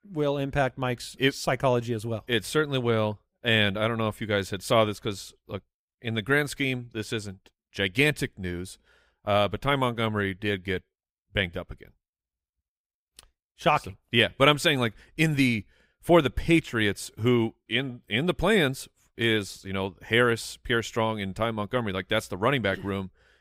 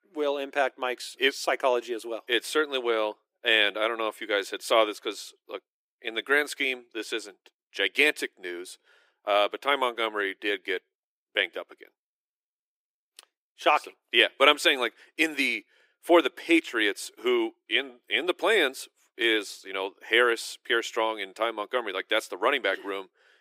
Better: first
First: none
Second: thin; very; fading below 300 Hz

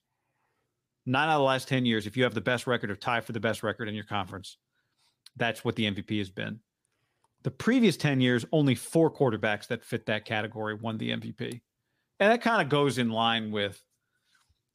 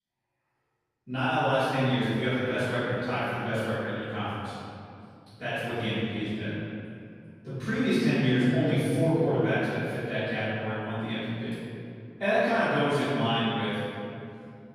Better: first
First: none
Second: off-mic speech; far // room echo; strong; dies away in 2.5 s

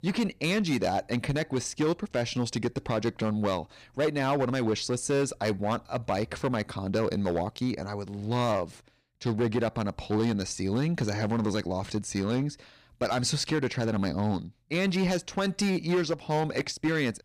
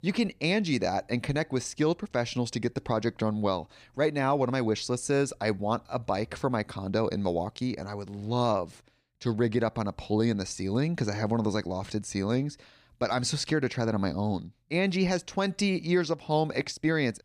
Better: second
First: distortion; slight; 8% of the sound clipped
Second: none

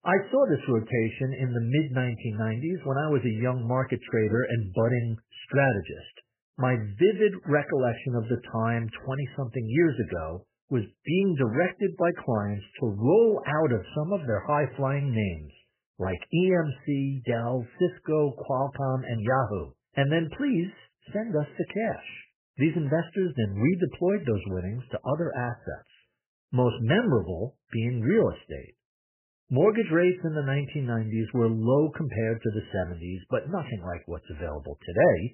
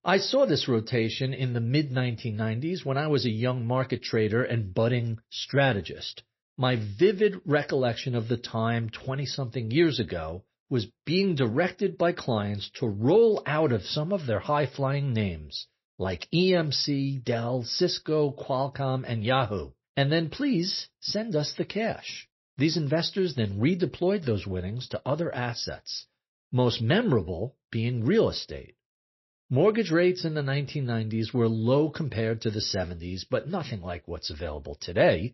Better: second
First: garbled, watery; badly; nothing above 3 kHz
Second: garbled, watery; slightly; nothing above 5.5 kHz

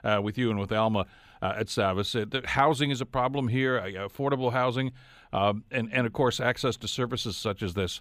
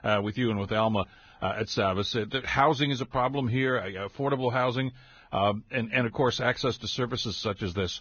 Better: first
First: none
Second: garbled, watery; badly; nothing above 6.5 kHz

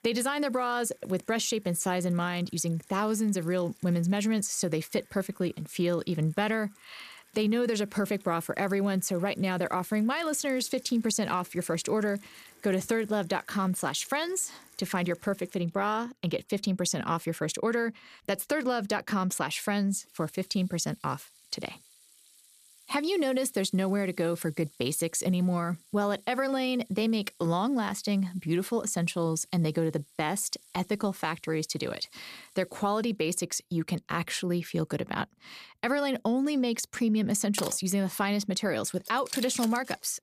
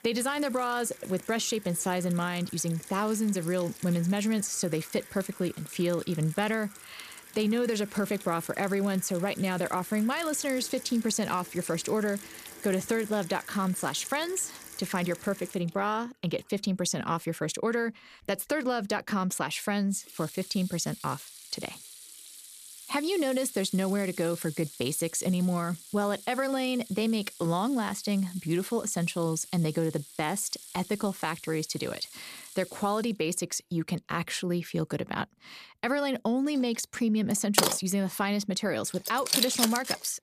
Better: first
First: household noises; faint; throughout; 20 dB below the speech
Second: household noises; loud; throughout; 9 dB below the speech

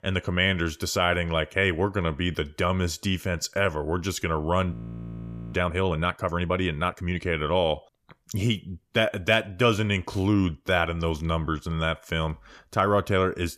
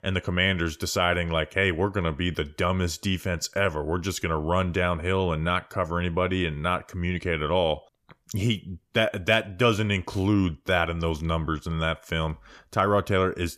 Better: second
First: audio freezing; at 4.5 s for 1 s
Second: none

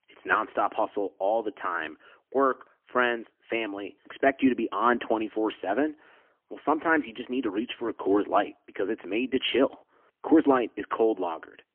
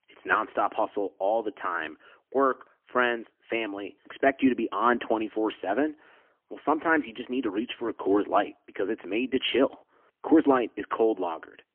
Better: neither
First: phone-call audio; poor line; nothing above 3.5 kHz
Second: phone-call audio; poor line; nothing above 3.5 kHz

